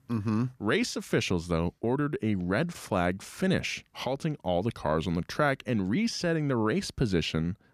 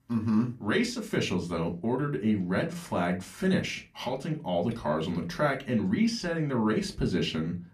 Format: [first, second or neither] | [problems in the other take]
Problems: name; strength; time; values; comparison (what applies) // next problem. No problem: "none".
first | off-mic speech; somewhat distant // room echo; very slight; dies away in 0.2 s